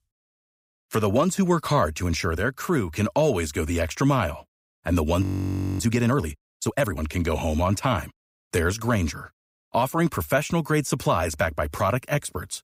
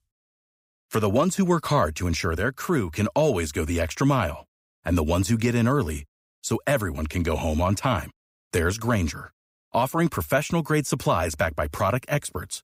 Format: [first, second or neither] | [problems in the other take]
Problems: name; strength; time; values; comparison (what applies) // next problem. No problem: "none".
second | audio freezing; at 5 s for 0.5 s